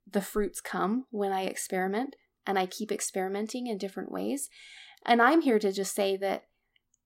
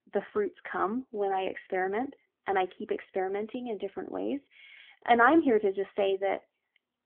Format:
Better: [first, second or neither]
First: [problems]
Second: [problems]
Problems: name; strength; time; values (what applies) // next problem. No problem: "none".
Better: first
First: none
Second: phone-call audio; nothing above 3.5 kHz